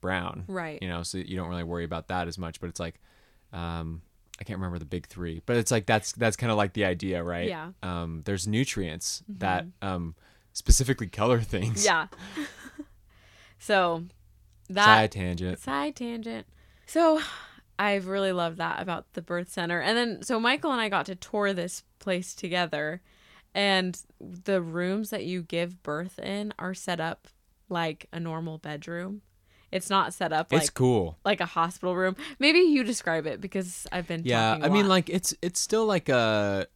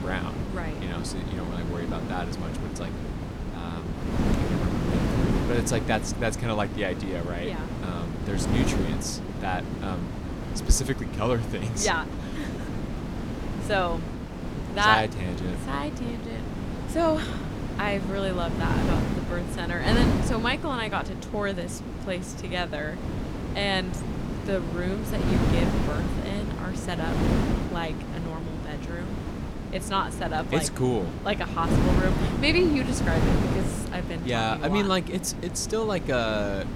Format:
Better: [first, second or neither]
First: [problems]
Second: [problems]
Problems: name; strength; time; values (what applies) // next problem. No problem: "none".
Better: first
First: none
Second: wind noise on the microphone; heavy; 6 dB below the speech